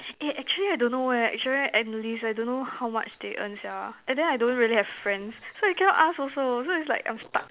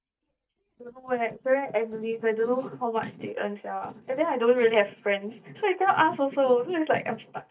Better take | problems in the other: first | noise reduction (neural mask model DeepFilterNet 3)

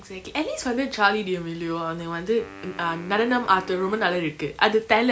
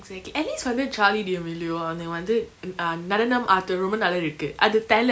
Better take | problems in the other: second | background sound (Wind instrument, woodwind instrument); 20 dB below the speech

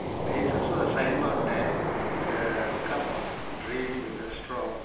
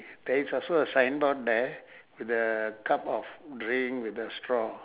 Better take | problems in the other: second | background sound (Waves, surf); 1 dB above the speech // room echo; dies away in 0.7 s

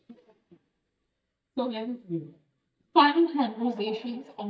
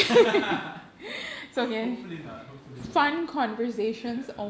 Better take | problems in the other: second | noise reduction (neural mask model DeepFilterNet 3)

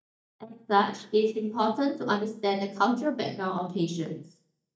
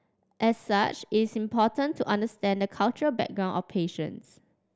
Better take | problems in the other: second | noise reduction (neural mask model DeepFilterNet 3)

